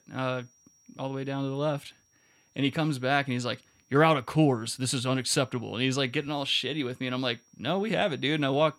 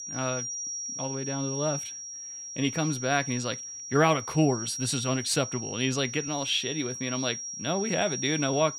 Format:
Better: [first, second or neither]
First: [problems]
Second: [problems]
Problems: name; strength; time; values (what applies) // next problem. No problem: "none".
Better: first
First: high-pitched whine; faint; throughout; 5.5 kHz, 35 dB below the speech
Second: high-pitched whine; loud; throughout; 5.5 kHz, 5 dB below the speech